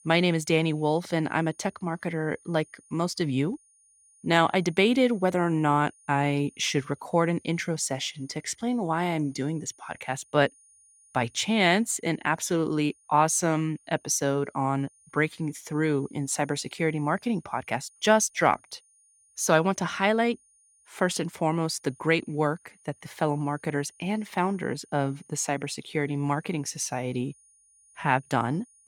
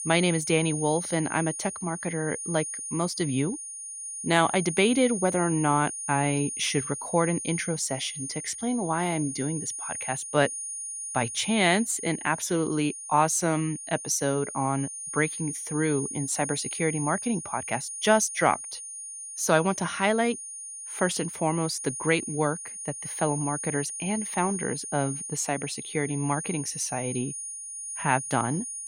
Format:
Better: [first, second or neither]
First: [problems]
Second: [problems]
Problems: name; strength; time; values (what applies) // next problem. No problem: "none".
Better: first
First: high-pitched whine; faint; throughout; 9.5 kHz, 30 dB below the speech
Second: high-pitched whine; loud; throughout; 9.5 kHz, 6 dB below the speech